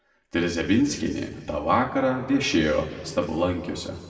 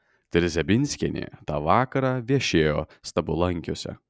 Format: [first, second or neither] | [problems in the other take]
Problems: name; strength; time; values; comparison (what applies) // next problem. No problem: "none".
second | room echo; dies away in 1.9 s